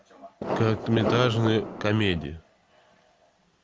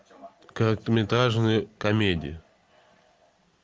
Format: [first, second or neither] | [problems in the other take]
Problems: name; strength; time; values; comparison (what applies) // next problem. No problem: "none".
second | background sound (Fireworks); 4 dB below the speech